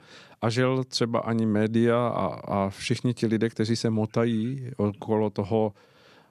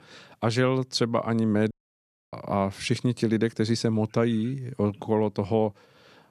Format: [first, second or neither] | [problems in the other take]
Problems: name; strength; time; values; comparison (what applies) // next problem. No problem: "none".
first | audio cutting out; at 1.5 s for 0.5 s